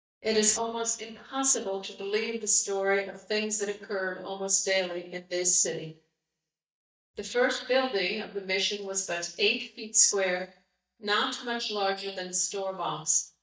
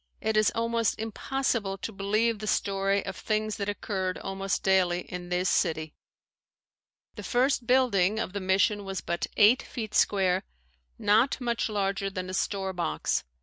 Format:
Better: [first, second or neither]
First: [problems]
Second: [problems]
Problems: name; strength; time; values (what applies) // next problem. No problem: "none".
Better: second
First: noise reduction (neural mask model DeepFilterNet 3)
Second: none